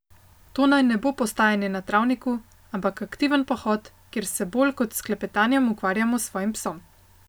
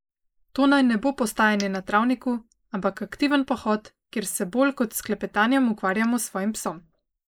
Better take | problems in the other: first | noise reduction (neural mask model Resemble Enhance denoiser)

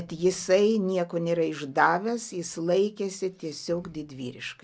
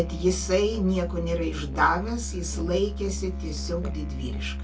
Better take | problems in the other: first | background sound (Musical instrument); 4 dB below the speech // room echo; dies away in 0.2 s

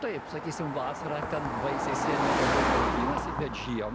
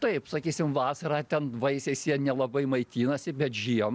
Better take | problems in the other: second | background sound (Car passing by); 4 dB above the speech

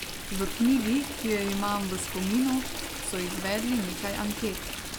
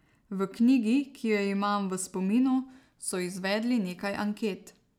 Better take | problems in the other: second | background sound (Stream); 6 dB below the speech

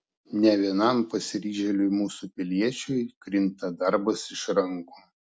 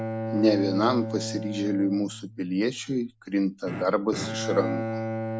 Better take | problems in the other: first | background sound (Bowed string instrument); 6 dB below the speech

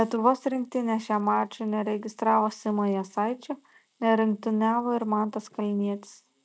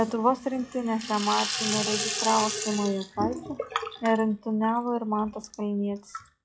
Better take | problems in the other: first | noise reduction (classical method log-MMSE)

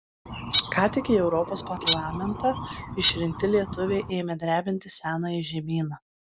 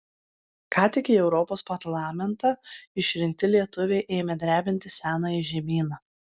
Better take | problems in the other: second | background sound (Bird); 3 dB below the speech

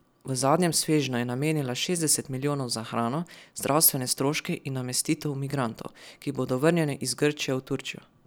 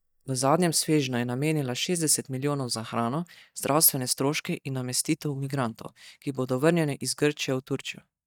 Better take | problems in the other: first | noise reduction (neural mask model DeepFilterNet 3)

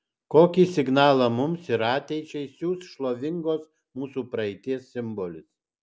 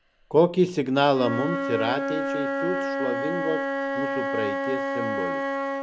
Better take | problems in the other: first | background sound (Wind instrument, woodwind instrument); 2 dB below the speech

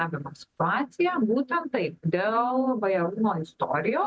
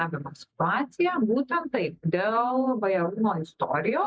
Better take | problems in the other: first | noise reduction (neural mask model Resemble Enhance denoiser)

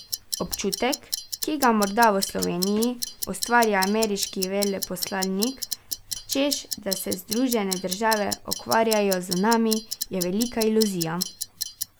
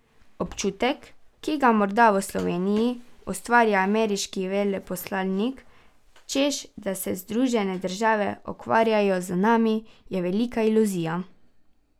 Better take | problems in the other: second | background sound (Clock); 8 dB below the speech

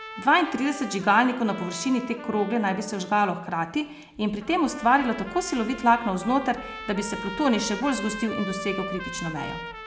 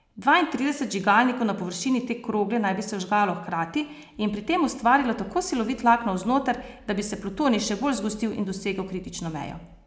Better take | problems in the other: second | background sound (Trumpet); 13 dB below the speech

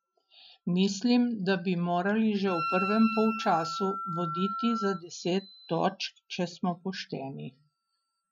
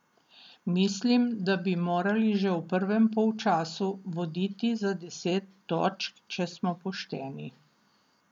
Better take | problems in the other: second | noise reduction (classical method Wiener filter)

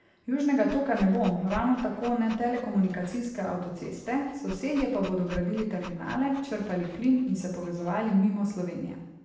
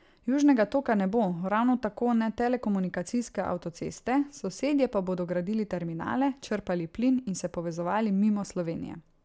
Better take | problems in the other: second | background sound (Dog); 17 dB below the speech // room echo; dies away in 0.9 s

